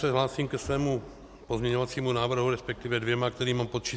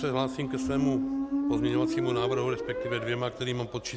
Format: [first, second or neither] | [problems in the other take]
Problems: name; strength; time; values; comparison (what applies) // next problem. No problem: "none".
first | background sound (Squeak); 1 dB above the speech